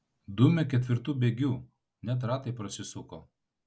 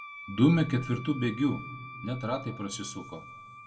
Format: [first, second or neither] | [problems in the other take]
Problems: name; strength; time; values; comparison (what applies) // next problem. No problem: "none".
first | background sound (Wind instrument, woodwind instrument); 15 dB below the speech // room echo; dies away in 0.9 s